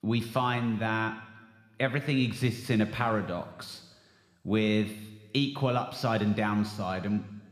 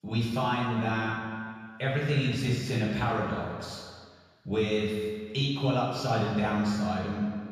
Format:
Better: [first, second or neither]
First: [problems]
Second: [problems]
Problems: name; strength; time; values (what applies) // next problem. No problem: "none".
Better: first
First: room echo; slight; dies away in 1.3 s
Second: room echo; strong; dies away in 1.7 s // off-mic speech; far